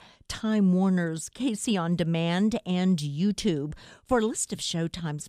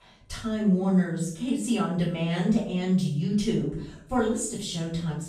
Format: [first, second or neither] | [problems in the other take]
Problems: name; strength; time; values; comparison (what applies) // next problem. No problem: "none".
first | room echo; noticeable; dies away in 0.5 s // off-mic speech; far